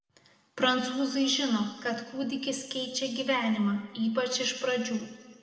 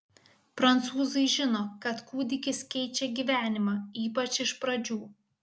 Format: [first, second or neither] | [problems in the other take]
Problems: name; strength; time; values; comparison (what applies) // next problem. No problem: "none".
second | room echo; dies away in 1.4 s